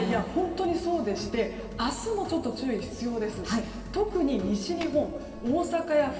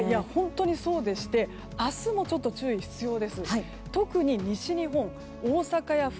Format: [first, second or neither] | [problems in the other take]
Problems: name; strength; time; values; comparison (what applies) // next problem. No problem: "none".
second | background sound (Tap); 18 dB below the speech // room echo; dies away in 2.2 s